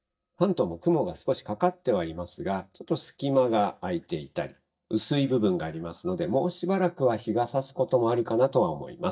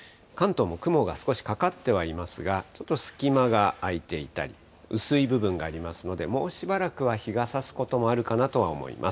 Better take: second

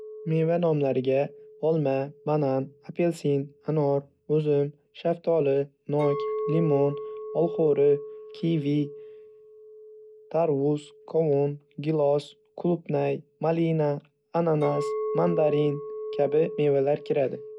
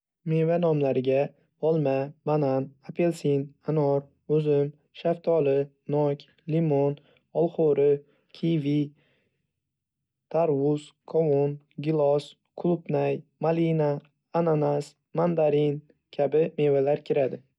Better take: second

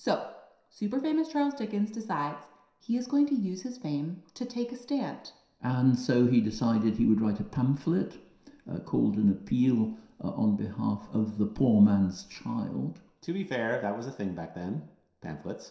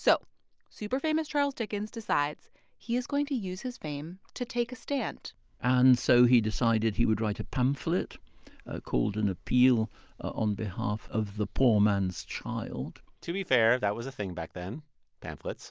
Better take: second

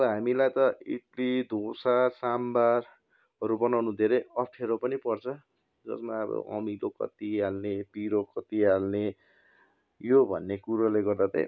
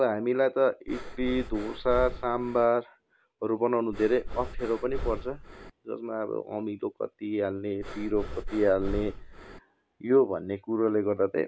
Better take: first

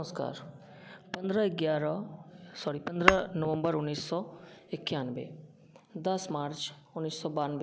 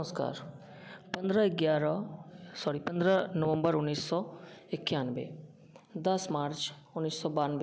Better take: second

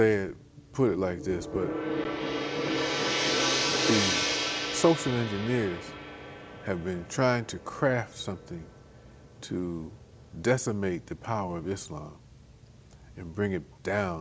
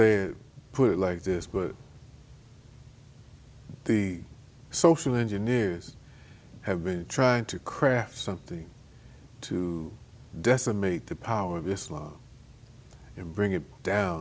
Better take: second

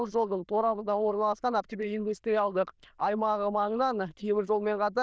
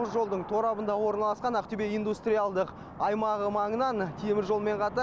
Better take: second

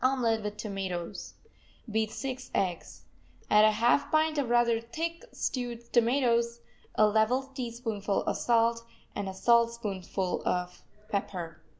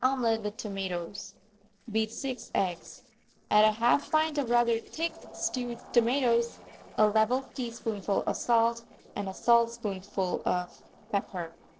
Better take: first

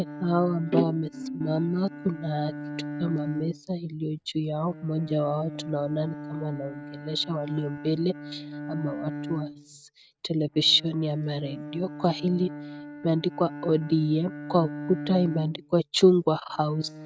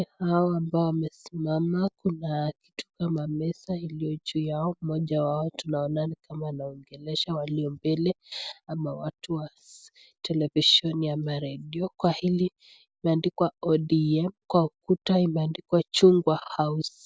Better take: second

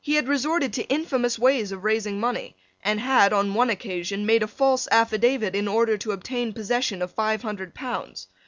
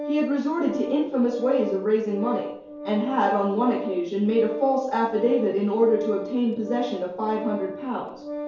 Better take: first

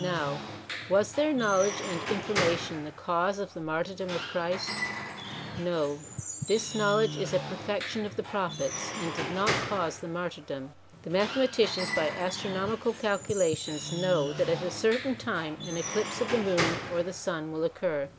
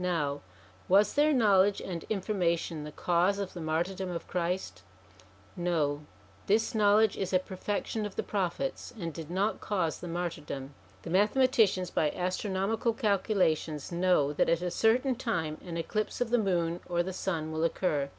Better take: second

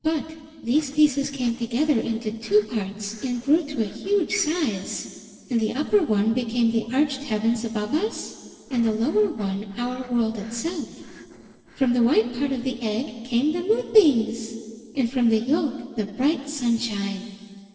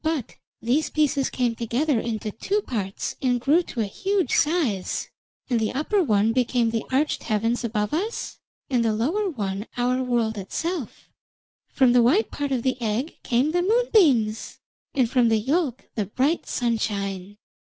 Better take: second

